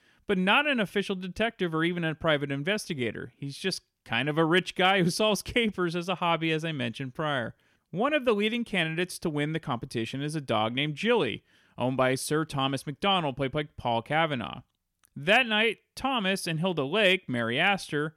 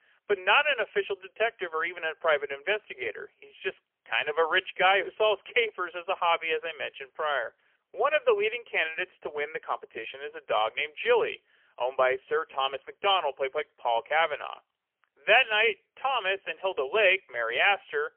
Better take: first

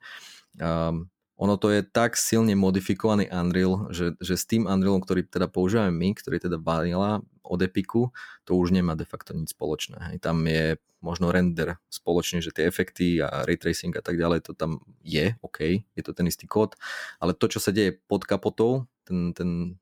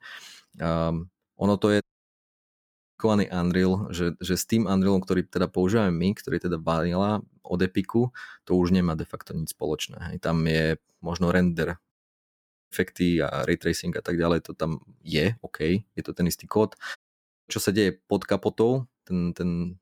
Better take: first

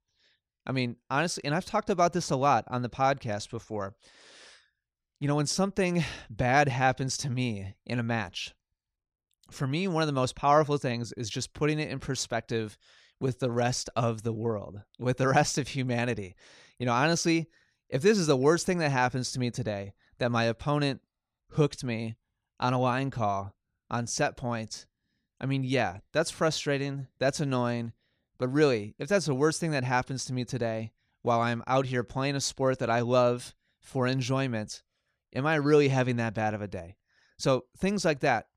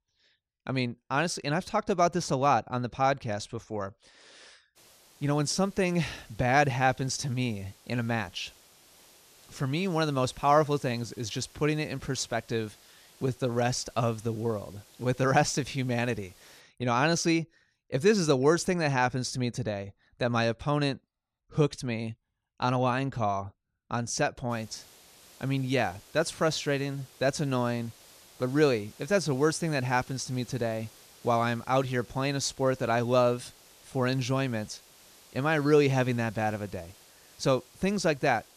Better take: first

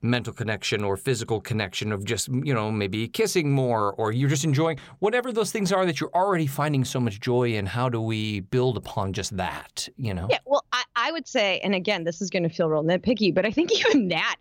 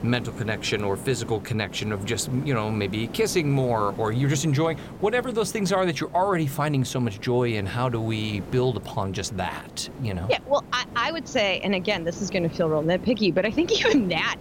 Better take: first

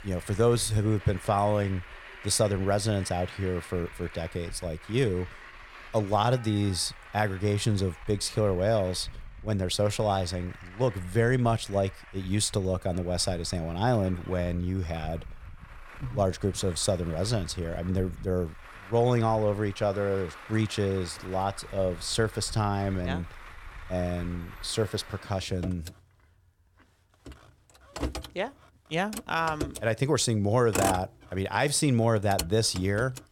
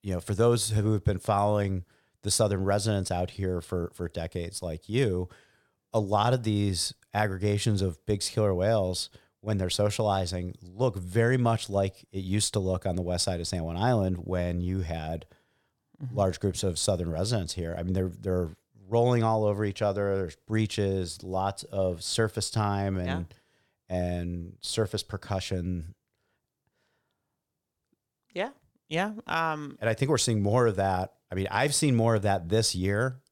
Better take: second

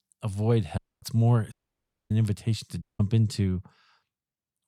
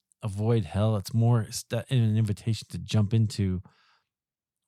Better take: second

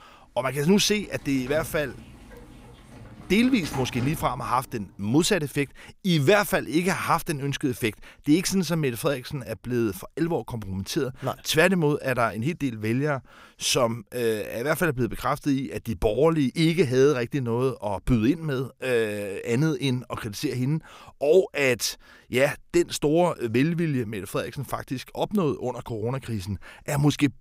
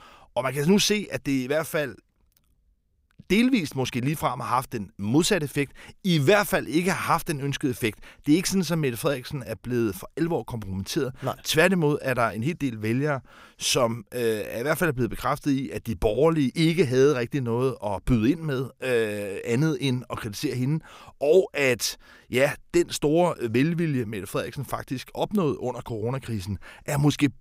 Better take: second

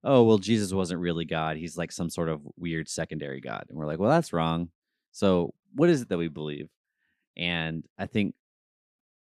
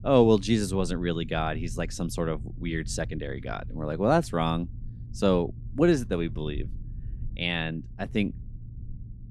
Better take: first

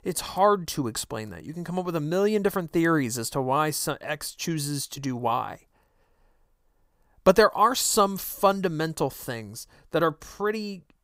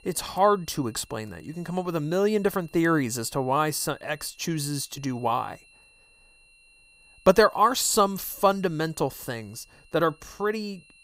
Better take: first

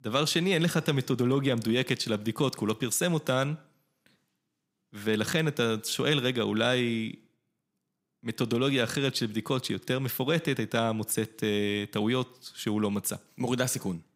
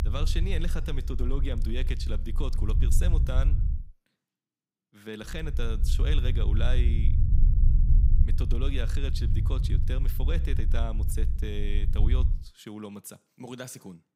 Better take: first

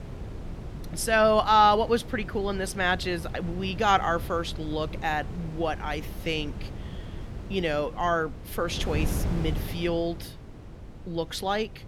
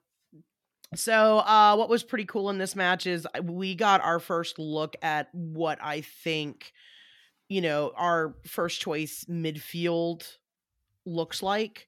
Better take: second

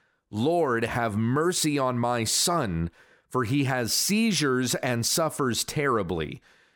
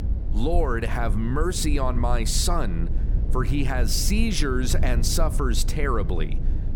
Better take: first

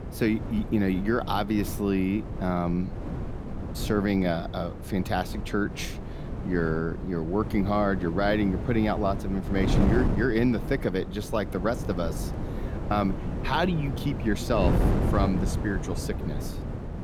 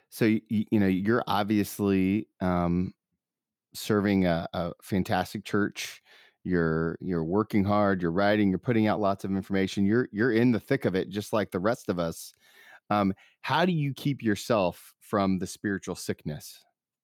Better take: second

